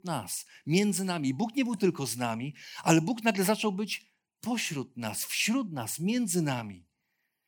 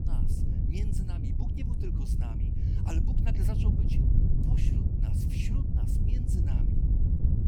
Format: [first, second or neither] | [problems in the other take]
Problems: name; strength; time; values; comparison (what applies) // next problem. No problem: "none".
first | wind noise on the microphone; heavy; 5 dB above the speech